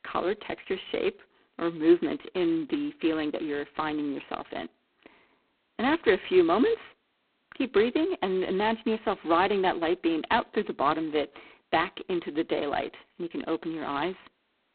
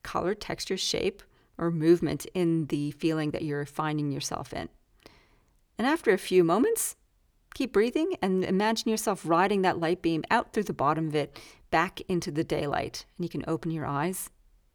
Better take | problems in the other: second | phone-call audio; poor line; nothing above 4 kHz

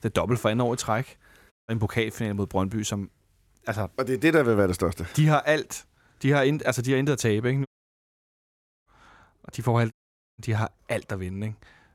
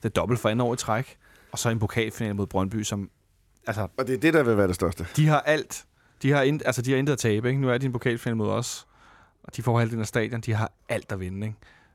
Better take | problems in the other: second | audio cutting out; at 1.5 s, at 7.5 s for 1 s and at 10 s

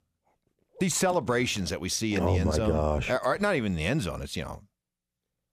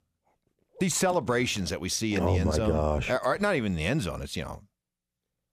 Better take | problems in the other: neither | none

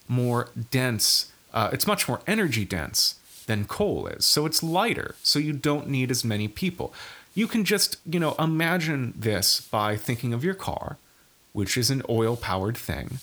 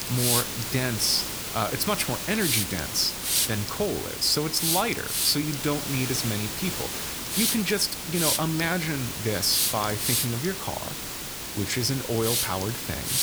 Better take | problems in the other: first | hiss; loud; throughout; as loud as the speech; faint in the first

